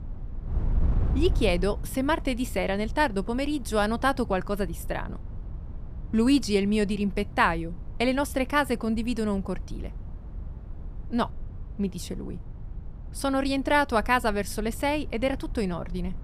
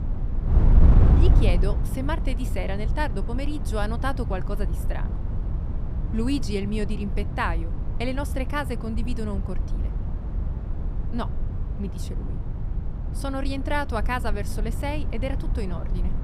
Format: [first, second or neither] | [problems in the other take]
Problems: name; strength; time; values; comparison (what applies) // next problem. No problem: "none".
first | wind noise on the microphone; heavy; 9 dB below the speech; occasional gusts in the first